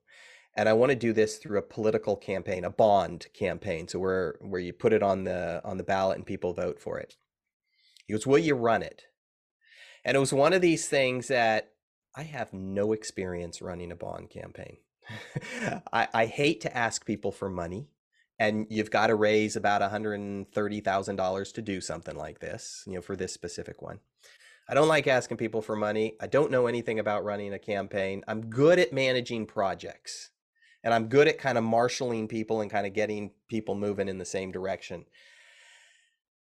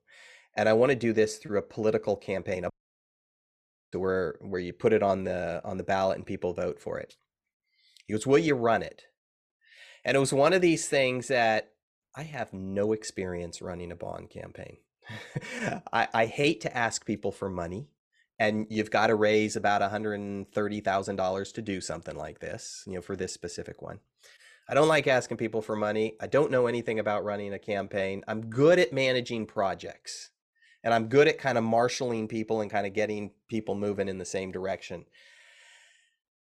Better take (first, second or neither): first